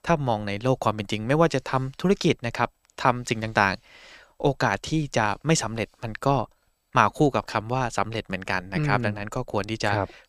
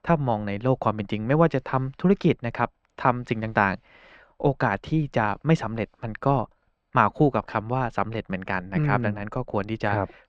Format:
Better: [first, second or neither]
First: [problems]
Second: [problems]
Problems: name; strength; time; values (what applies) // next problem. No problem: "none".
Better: first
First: none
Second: muffled; very; fading above 2 kHz